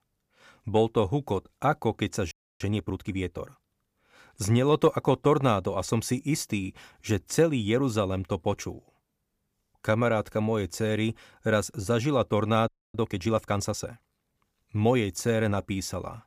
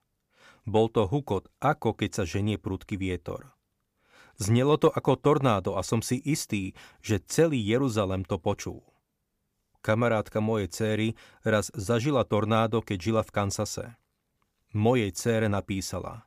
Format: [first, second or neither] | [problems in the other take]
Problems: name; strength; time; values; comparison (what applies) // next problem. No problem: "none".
second | audio freezing; at 2.5 s and at 13 s